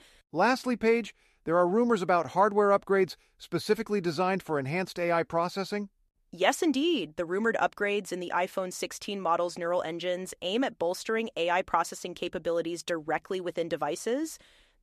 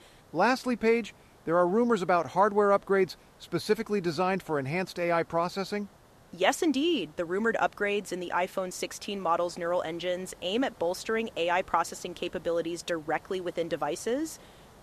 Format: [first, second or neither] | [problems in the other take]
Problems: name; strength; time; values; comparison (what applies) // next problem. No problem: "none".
first | hiss; faint; throughout; 25 dB below the speech